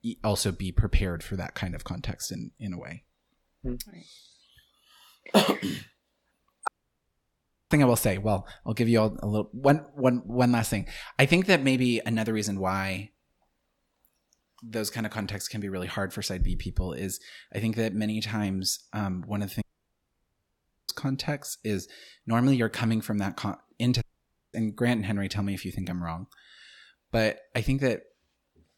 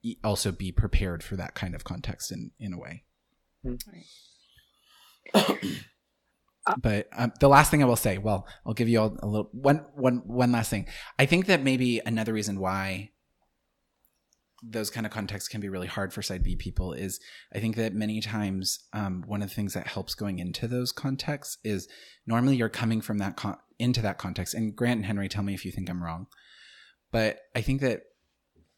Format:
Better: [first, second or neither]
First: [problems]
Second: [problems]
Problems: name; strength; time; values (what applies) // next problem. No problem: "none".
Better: second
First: audio cutting out; at 6.5 s for 1 s, at 20 s for 1.5 s and at 24 s for 0.5 s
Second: none